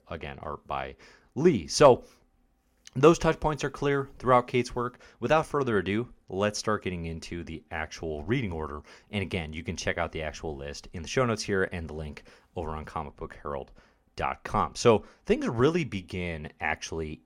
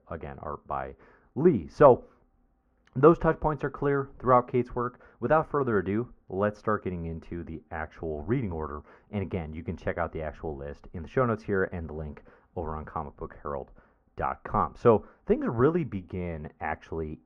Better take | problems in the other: first | muffled; very; fading above 2.5 kHz

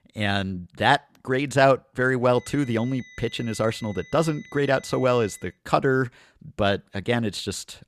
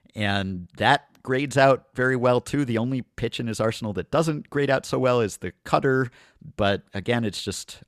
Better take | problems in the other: second | high-pitched whine; faint; from 2.5 to 5.5 s; 2 kHz, 20 dB below the speech

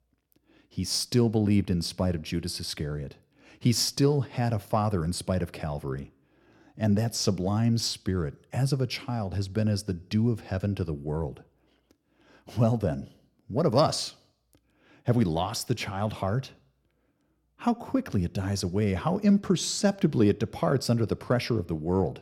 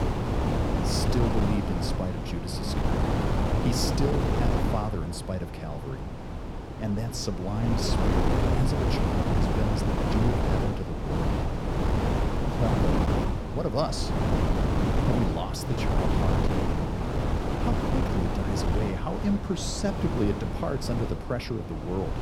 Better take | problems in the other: first | wind noise on the microphone; heavy; 3 dB above the speech

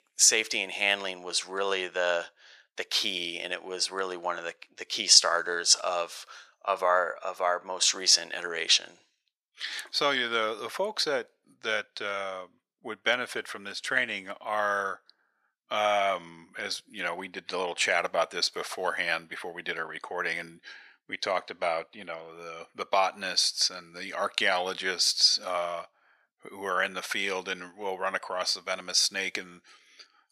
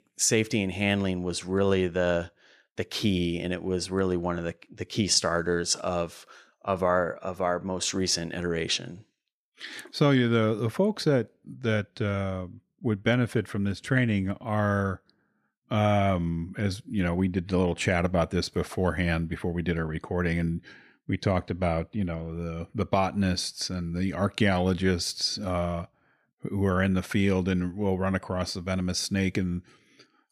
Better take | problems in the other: second | thin; very; fading below 800 Hz

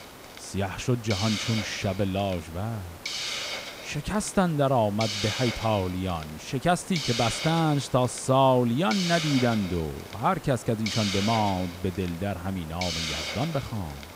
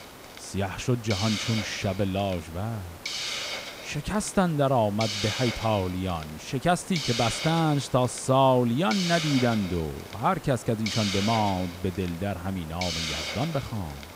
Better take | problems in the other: neither | hiss; loud; throughout; 6 dB below the speech; the same in both

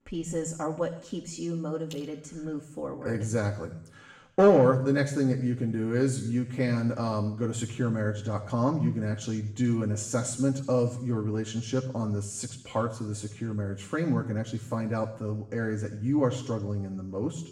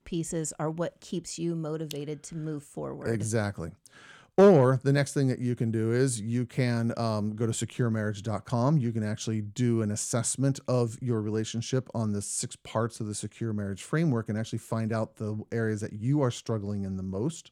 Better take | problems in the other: second | room echo; slight; dies away in 0.7 s // off-mic speech; far

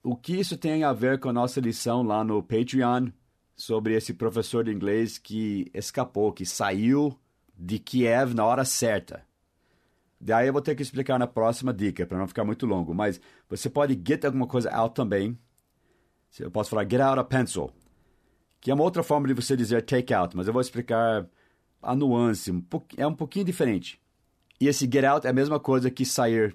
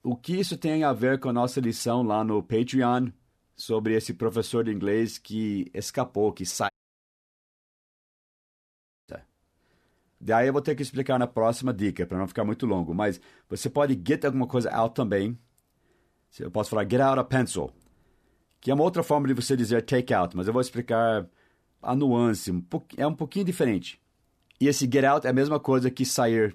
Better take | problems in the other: first | audio cutting out; at 6.5 s for 2.5 s

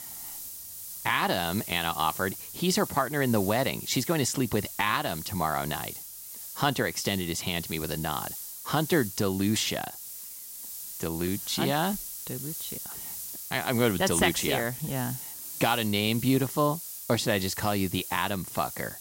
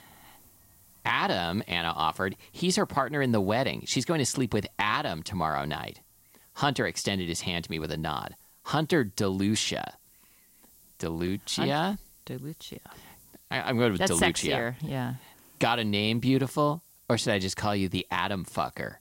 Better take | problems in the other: second | hiss; loud; throughout; 9 dB below the speech; faint in the second

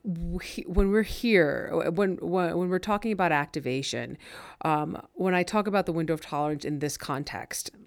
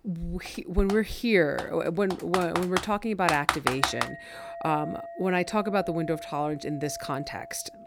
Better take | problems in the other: first | household noises; loud; throughout; 5 dB below the speech

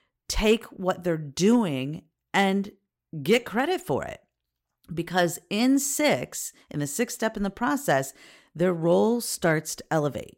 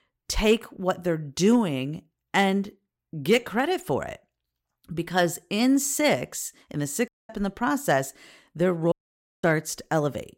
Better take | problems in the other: first | audio cutting out; at 7 s and at 9 s for 0.5 s

